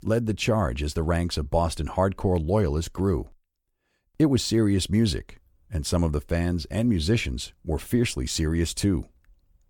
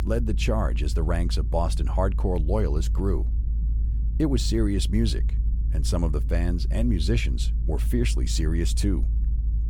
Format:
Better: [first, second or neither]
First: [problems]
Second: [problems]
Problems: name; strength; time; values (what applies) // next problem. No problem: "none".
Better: first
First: none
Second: low rumble; noticeable; throughout; 15 dB below the speech